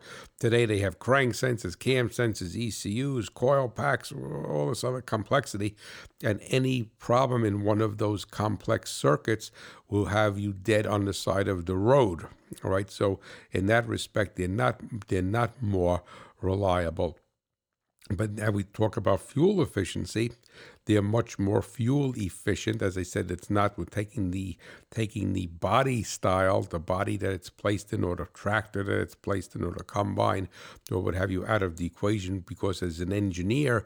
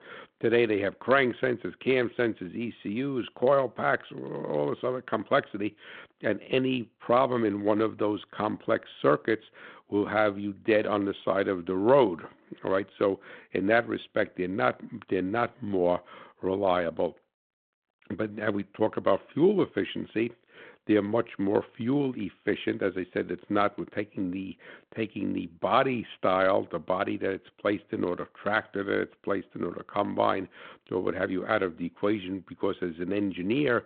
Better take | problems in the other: first | phone-call audio; nothing above 3.5 kHz

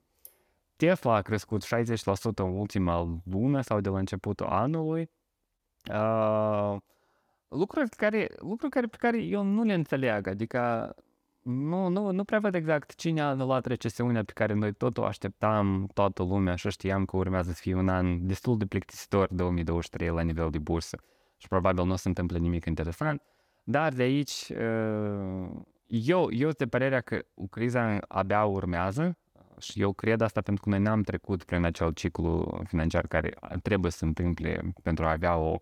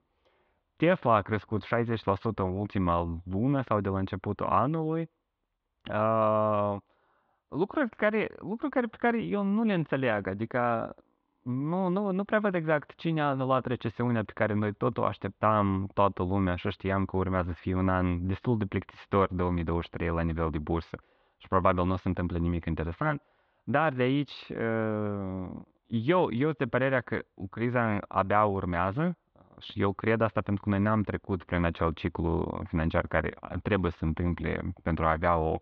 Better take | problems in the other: first | muffled; very; fading above 3.5 kHz

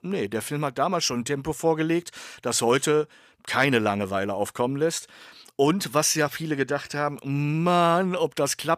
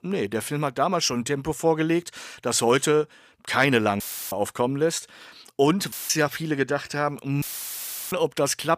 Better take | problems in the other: first | audio cutting out; filled with static; at 4 s, at 6 s and at 7.5 s for 0.5 s

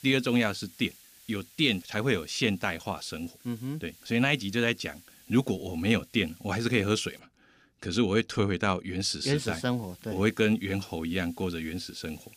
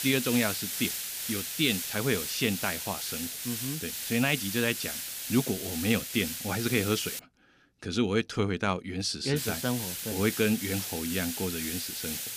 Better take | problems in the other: first | hiss; loud; until 7 s and from 9.5 s on; 3 dB below the speech; faint in the first

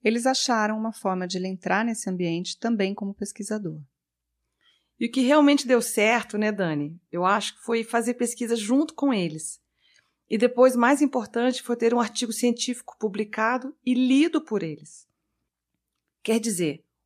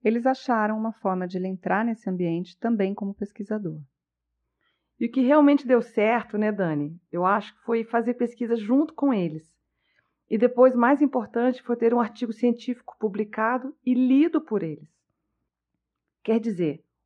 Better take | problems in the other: first | muffled; very; fading above 1.5 kHz

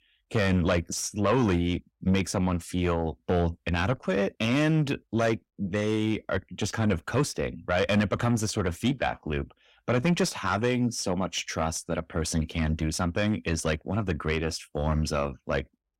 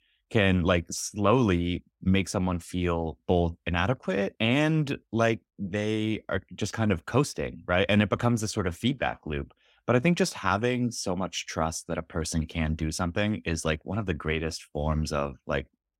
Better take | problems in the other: second | distortion; slight; 10 dB below the speech

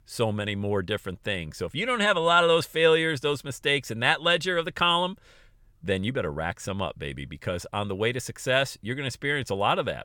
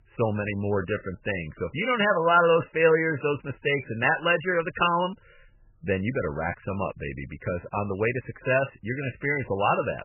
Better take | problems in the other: first | garbled, watery; badly; nothing above 3 kHz

